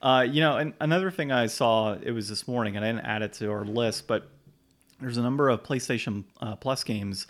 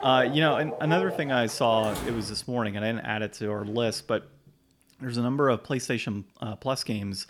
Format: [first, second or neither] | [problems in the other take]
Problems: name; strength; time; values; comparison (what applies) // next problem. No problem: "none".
first | animal sounds; loud; until 2 s; 8 dB below the speech